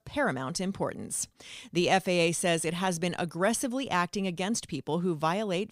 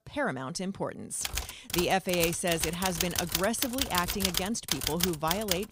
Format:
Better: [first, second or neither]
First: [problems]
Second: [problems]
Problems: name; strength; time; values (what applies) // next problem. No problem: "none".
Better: first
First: none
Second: keyboard typing; loud; from 1 s on; peak 3 dB above the speech